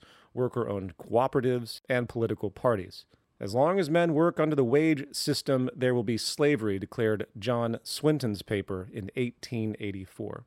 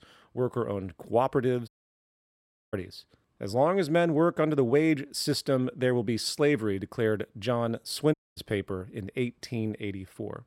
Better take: first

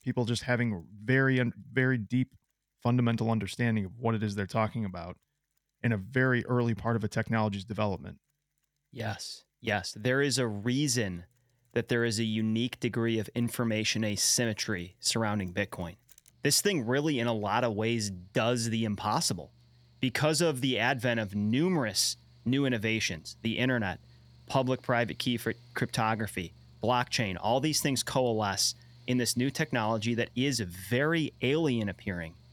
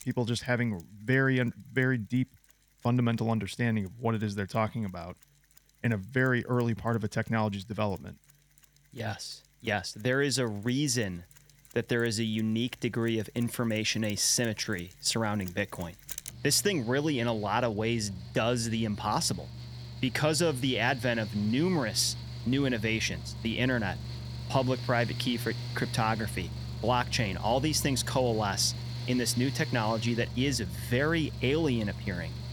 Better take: first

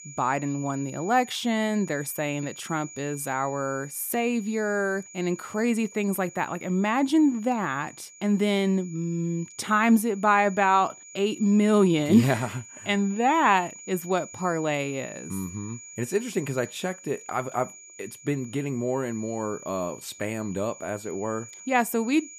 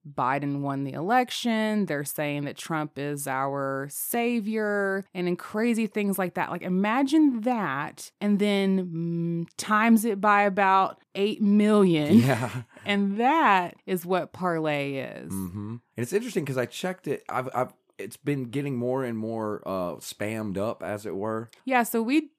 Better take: second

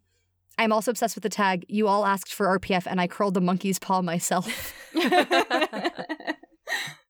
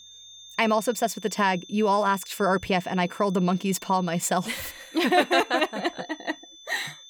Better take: first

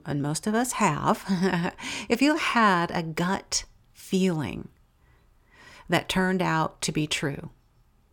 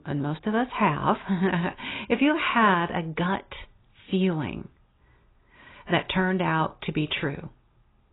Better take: first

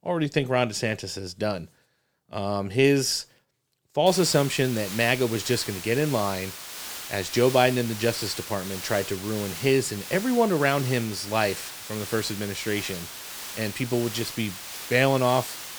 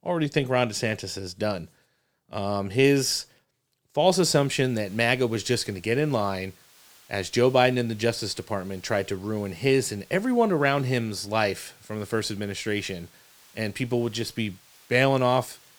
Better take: second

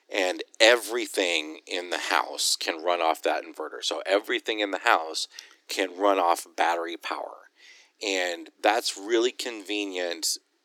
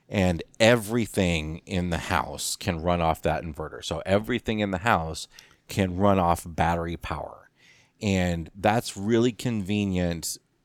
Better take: second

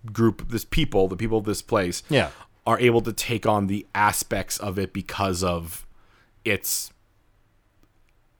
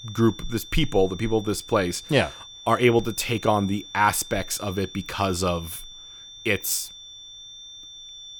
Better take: first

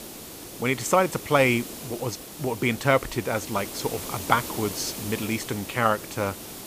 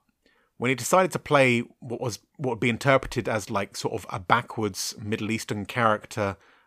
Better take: second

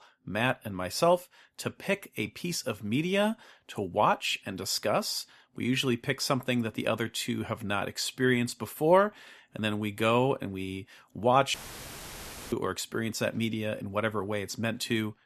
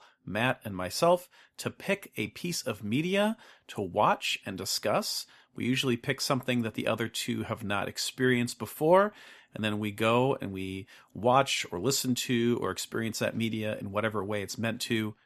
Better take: second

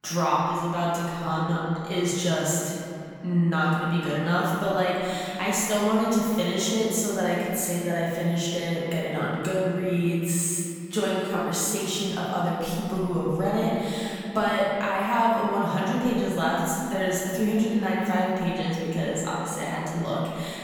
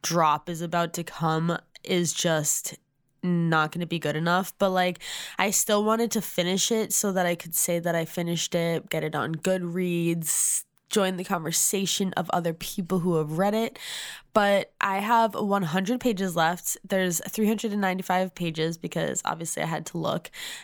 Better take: second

